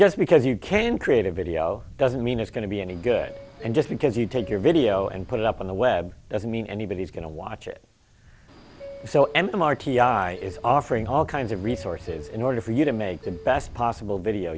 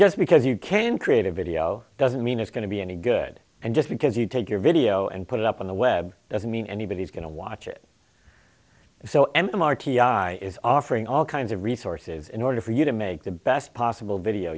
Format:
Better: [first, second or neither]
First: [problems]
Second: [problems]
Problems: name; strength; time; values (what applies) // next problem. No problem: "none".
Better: second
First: background sound (Subway, metro, underground + Thunder); 17 dB below the speech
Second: none